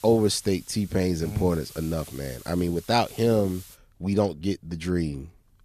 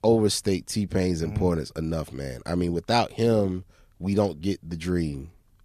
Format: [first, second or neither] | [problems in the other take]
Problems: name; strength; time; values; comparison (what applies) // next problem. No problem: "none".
second | hiss; noticeable; until 4 s; 20 dB below the speech